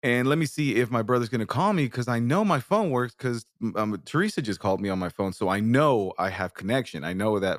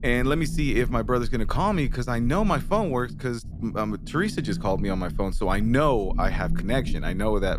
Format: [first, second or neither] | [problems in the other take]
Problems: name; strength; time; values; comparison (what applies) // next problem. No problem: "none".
first | low rumble; noticeable; throughout; 20 dB below the speech